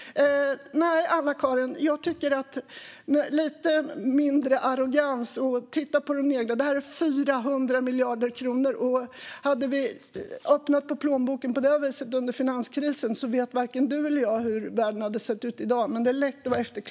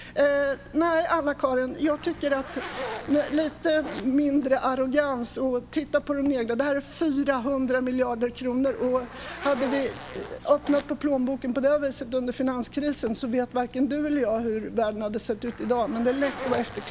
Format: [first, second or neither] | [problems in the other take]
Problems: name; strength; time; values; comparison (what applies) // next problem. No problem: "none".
first | background sound (Zipper (clothing)); 16 dB below the speech